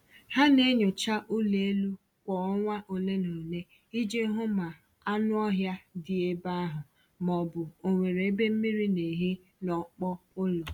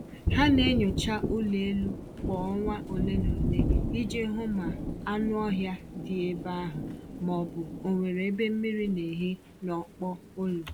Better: first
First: none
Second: background sound (Thunder); 3 dB below the speech

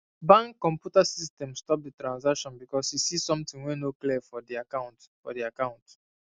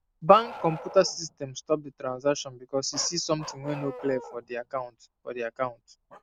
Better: first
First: none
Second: background sound (Bark); 17 dB below the speech

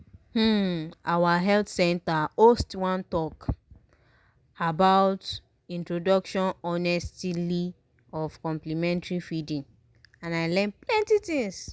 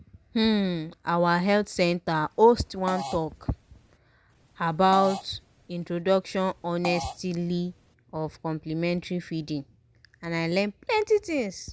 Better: first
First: none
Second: background sound (Fart); 13 dB below the speech

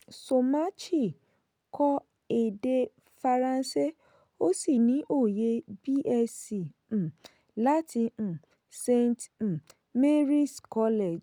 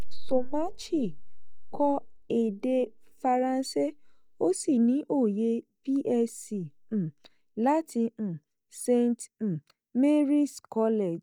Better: first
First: none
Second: noise reduction (neural mask model DeepFilterNet 3)

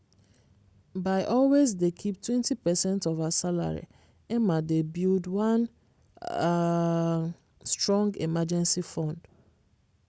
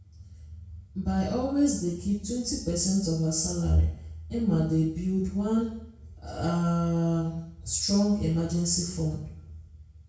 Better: first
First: none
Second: room echo; dies away in 0.6 s

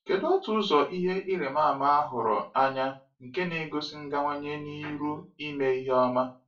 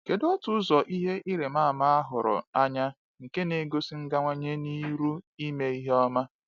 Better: second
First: room echo; dies away in 0.3 s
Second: none

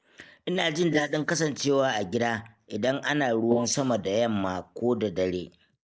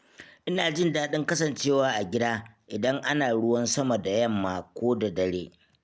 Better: second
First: noise reduction (neural mask model Resemble Enhance denoiser)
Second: none

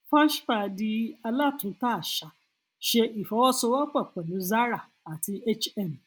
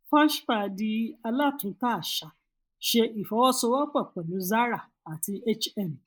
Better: first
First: none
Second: noise reduction (neural mask model Resemble Enhance denoiser)

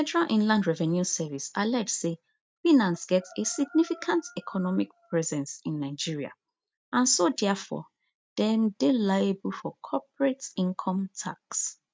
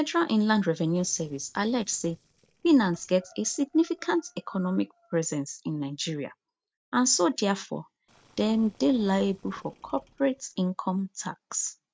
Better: first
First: none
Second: noise reduction (neural separator model SepFormer DNS4)

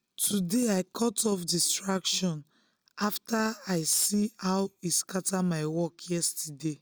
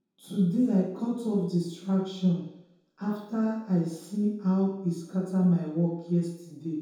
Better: first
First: none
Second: room echo; dies away in 0.8 s

